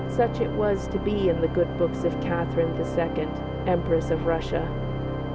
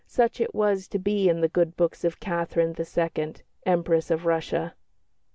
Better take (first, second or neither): second